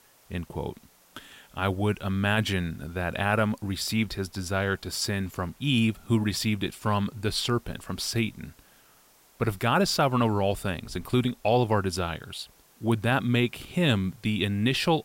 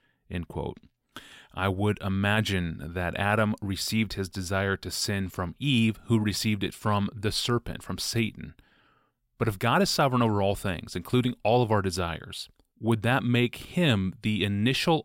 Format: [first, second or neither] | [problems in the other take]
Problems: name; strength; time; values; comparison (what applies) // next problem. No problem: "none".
second | hiss; faint; throughout; 30 dB below the speech